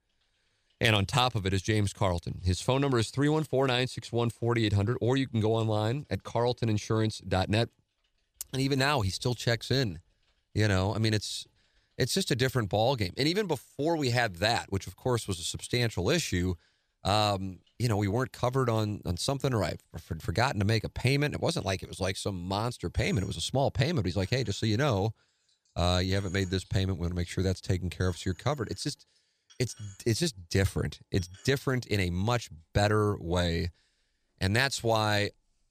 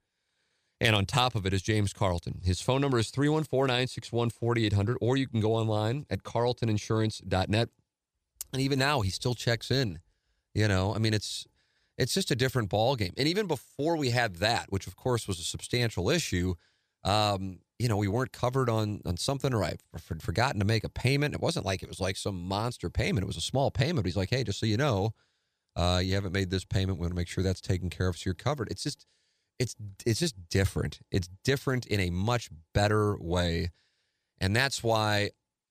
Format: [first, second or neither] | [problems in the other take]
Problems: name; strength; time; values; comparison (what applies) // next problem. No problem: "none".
second | household noises; faint; throughout; 30 dB below the speech